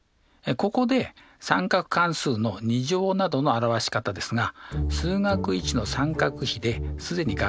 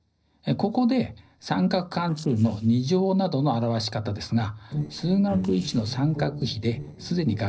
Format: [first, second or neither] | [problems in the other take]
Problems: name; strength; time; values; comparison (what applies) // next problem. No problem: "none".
first | noise reduction (neural separator model SepFormer DNS4)